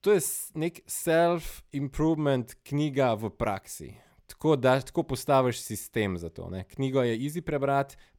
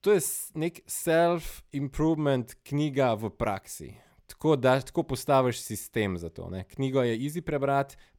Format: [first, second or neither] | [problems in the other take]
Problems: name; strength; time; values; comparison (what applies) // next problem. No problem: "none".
neither | none